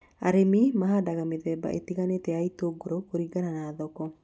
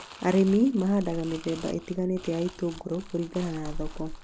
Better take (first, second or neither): first